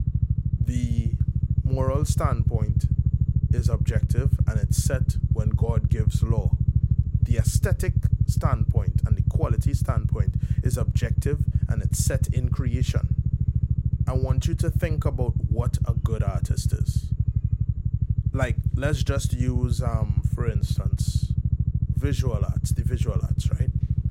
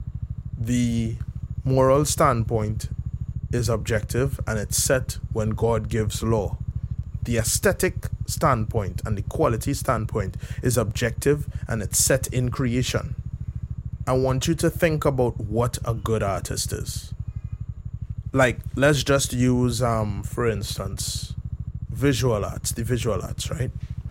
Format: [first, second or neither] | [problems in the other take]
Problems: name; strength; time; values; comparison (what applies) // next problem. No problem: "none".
second | low rumble; loud; throughout; 3 dB below the speech; faint in the second